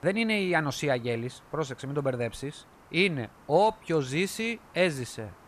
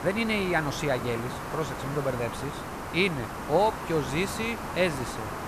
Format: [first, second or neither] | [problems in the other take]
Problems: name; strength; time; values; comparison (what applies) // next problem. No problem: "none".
first | hiss; loud; throughout; 6 dB below the speech; faint in the first